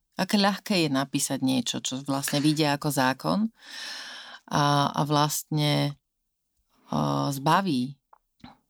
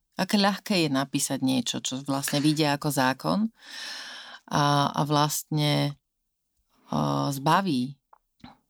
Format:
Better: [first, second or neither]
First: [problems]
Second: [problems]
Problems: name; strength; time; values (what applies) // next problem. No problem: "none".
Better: neither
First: none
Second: none